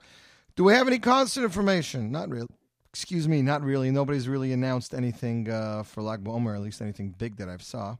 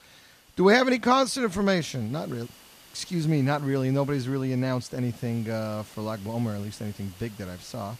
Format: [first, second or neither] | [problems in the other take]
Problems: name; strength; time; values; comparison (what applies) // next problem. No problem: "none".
first | hiss; faint; throughout; 25 dB below the speech